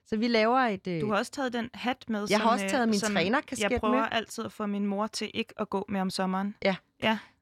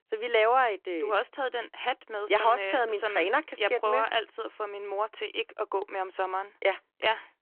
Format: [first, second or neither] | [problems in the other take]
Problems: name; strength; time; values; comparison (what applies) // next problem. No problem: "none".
first | phone-call audio